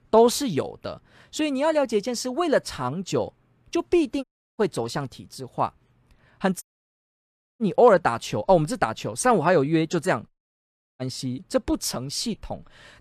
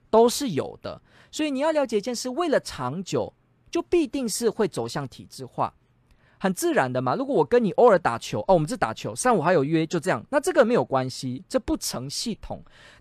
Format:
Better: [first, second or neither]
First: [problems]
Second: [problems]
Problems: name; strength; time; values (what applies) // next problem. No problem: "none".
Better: second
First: audio cutting out; at 4 s, at 6.5 s for 1 s and at 10 s for 0.5 s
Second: none